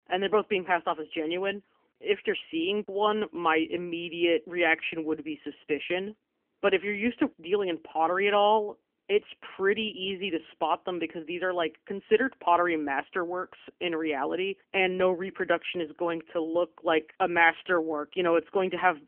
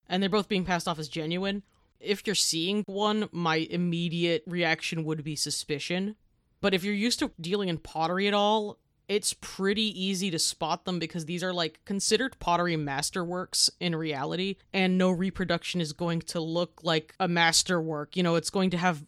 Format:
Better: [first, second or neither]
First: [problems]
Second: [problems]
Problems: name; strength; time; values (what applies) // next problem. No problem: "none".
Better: second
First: phone-call audio; nothing above 3 kHz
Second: none